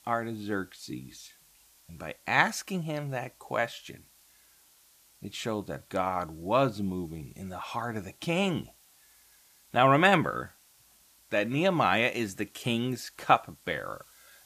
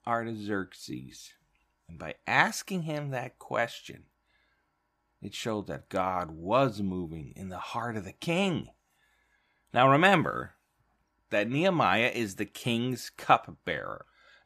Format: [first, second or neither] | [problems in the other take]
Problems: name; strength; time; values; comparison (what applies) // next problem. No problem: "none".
second | hiss; faint; throughout; 30 dB below the speech